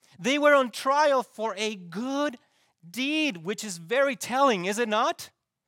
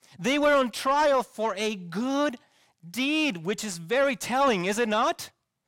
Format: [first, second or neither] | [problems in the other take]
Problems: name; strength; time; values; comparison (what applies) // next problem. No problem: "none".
first | distortion; slight; 10 dB below the speech